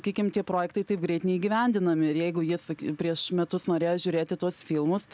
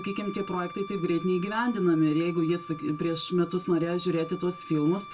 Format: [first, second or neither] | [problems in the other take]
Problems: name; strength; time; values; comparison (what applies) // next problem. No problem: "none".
first | background sound (Wind instrument, woodwind instrument); 16 dB below the speech // room echo; dies away in 0.2 s